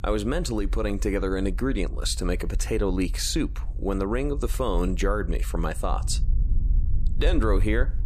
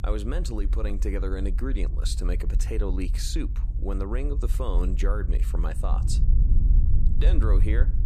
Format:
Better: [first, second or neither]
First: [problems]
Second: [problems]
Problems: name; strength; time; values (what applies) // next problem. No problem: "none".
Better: first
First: low rumble; faint; throughout; 20 dB below the speech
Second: low rumble; loud; throughout; 10 dB below the speech